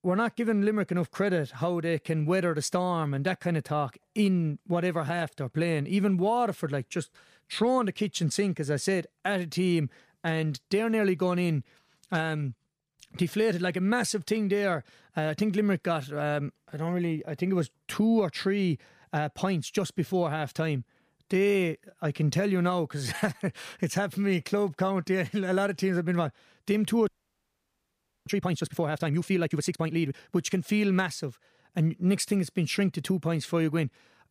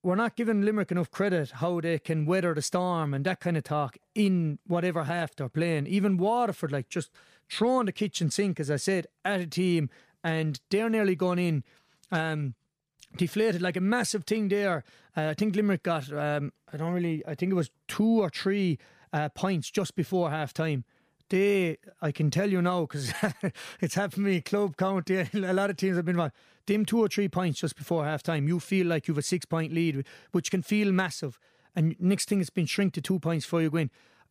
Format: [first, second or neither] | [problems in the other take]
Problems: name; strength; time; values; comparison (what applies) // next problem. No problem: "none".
second | audio freezing; at 27 s for 1 s